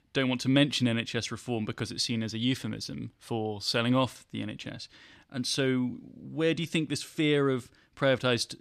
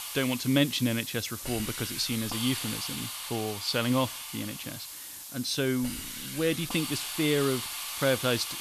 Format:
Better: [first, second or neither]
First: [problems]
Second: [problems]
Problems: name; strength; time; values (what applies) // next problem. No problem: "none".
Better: first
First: none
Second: hiss; loud; throughout; 6 dB below the speech